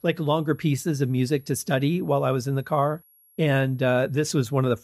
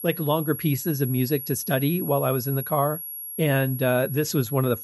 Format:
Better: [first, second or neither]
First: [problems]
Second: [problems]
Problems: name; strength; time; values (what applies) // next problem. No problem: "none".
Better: first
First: high-pitched whine; faint; throughout; 11.5 kHz, 30 dB below the speech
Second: high-pitched whine; loud; throughout; 11.5 kHz, 8 dB below the speech